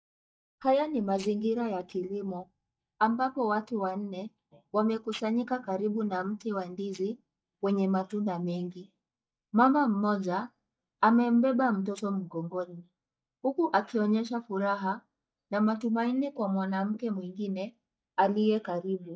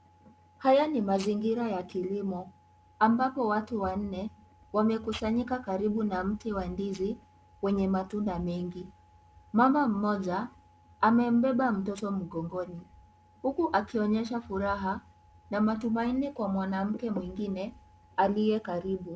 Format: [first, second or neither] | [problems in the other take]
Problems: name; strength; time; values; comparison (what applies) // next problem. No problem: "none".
second | noise reduction (neural mask model DeepFilterNet 3)